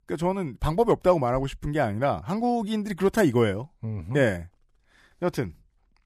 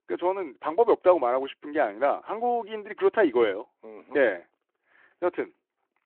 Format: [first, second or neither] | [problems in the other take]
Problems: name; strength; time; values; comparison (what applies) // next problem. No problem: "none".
first | phone-call audio